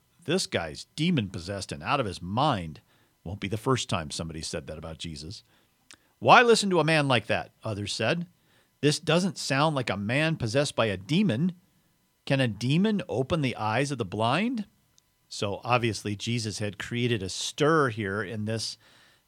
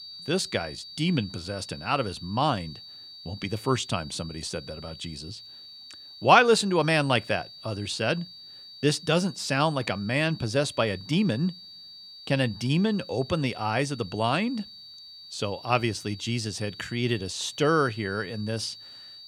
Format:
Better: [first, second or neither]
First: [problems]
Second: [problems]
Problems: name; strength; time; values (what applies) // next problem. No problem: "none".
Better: first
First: none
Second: high-pitched whine; noticeable; throughout; 4.5 kHz, 15 dB below the speech